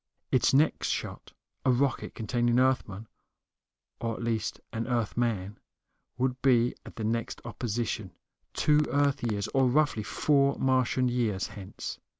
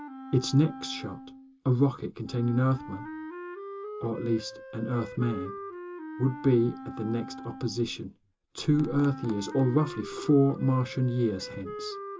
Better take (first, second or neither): first